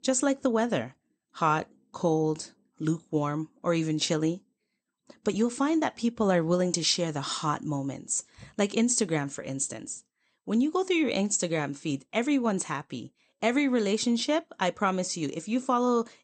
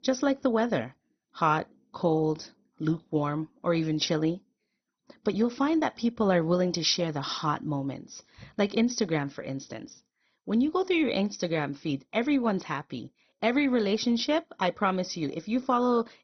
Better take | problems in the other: first | garbled, watery; badly; nothing above 6 kHz; slightly in the first

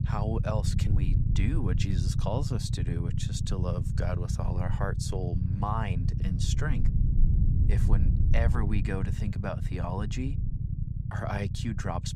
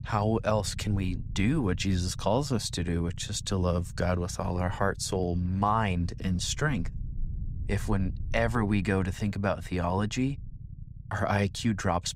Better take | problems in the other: second | low rumble; loud; throughout; 6 dB below the speech; faint in the second

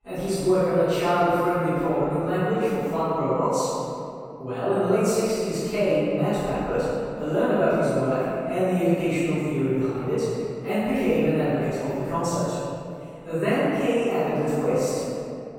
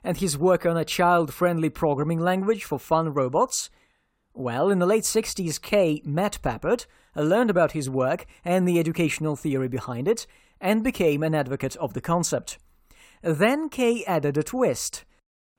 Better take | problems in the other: second | off-mic speech; far // room echo; strong; dies away in 2.5 s

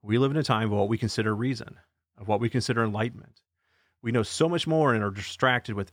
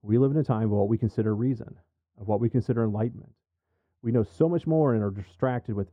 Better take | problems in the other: first | muffled; very; fading above 1.5 kHz

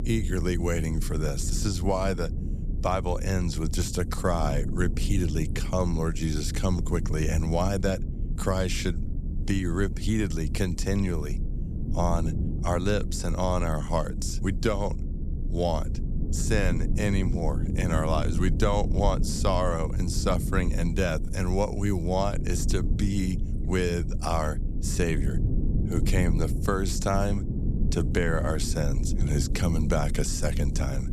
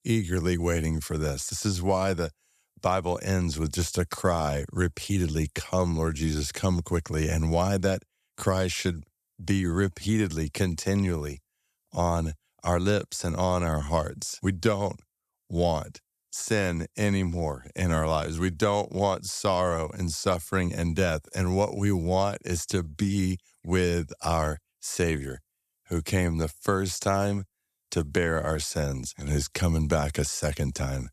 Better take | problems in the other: second | low rumble; noticeable; throughout; 10 dB below the speech

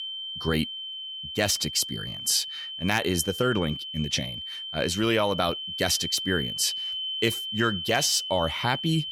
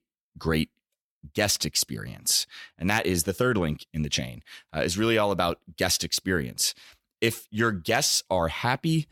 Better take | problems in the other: second | high-pitched whine; loud; throughout; 3 kHz, 5 dB below the speech

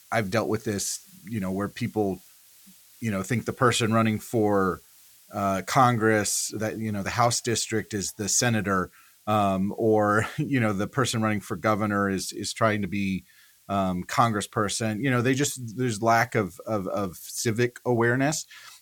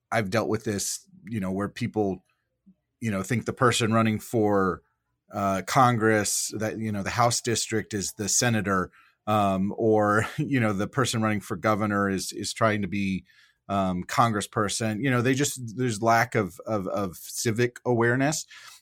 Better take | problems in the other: second | hiss; faint; throughout; 30 dB below the speech

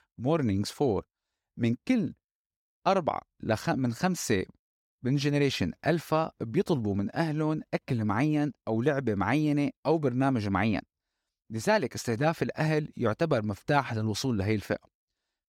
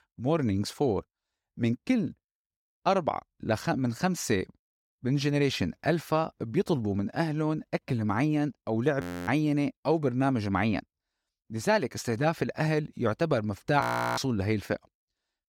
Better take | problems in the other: first | audio freezing; at 9 s and at 14 s

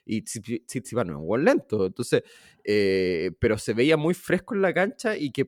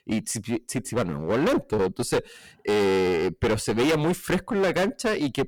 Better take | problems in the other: first | distortion; heavy; 19% of the sound clipped

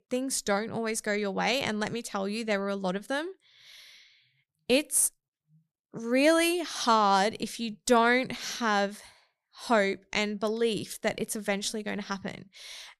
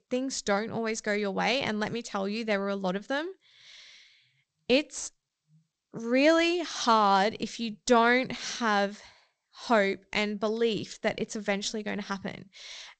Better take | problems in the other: first | garbled, watery; slightly; nothing above 8 kHz

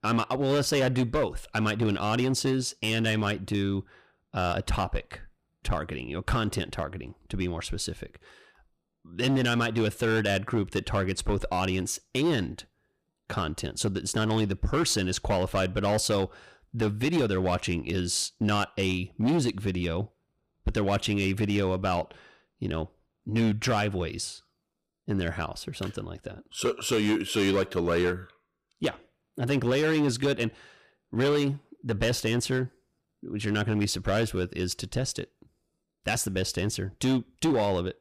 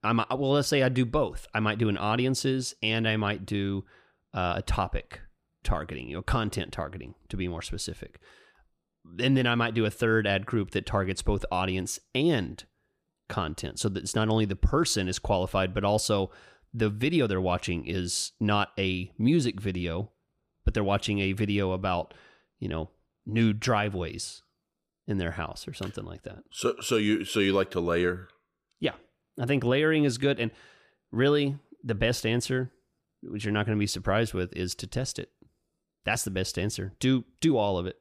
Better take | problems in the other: second | distortion; slight; 7% of the sound clipped

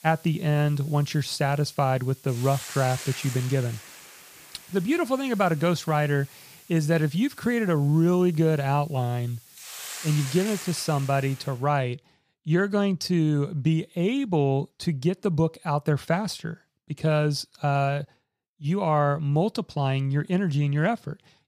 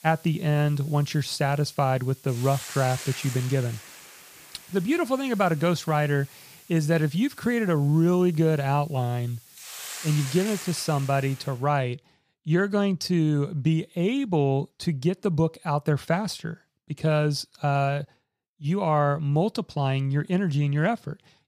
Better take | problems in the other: neither | hiss; noticeable; until 12 s; 15 dB below the speech; the same in both

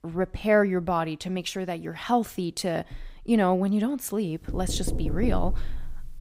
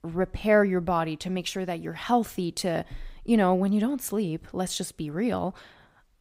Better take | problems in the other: second | door banging; noticeable; from 4.5 s on; peak 4 dB below the speech

